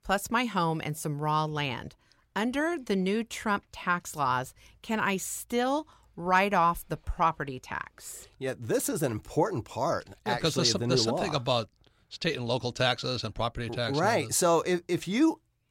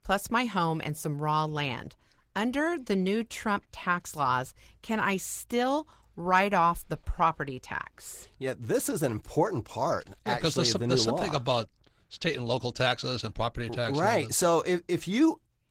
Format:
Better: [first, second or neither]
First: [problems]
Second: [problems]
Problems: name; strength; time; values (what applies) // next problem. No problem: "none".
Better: first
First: none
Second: garbled, watery; slightly; nothing above 16 kHz